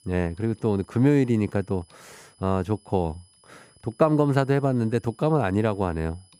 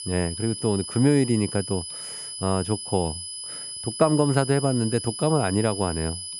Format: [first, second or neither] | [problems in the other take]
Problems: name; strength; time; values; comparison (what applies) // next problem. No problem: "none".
first | high-pitched whine; loud; throughout; 10 kHz, 8 dB below the speech; faint in the first